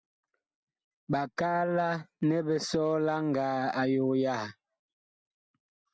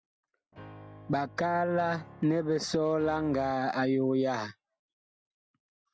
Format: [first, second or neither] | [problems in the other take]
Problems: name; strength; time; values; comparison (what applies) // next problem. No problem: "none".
first | background sound (Piano); 18 dB below the speech